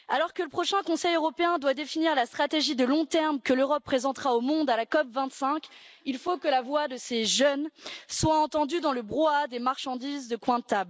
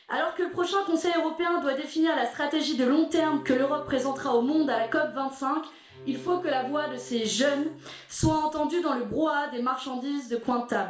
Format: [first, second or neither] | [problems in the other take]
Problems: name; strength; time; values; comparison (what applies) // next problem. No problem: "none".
first | background sound (Bowed string instrument); 19 dB below the speech // room echo; dies away in 0.5 s